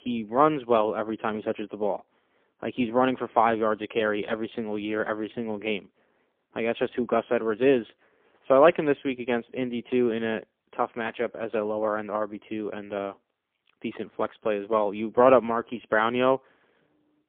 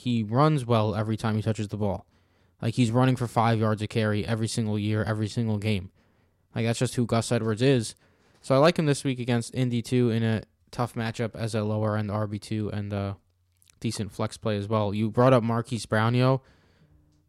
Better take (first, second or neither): second